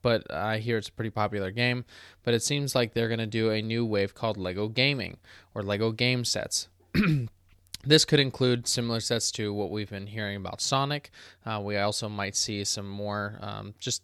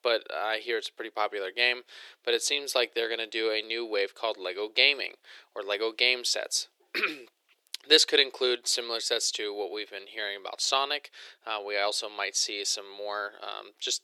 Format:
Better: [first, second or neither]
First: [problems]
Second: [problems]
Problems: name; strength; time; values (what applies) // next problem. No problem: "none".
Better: first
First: none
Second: thin; very; fading below 350 Hz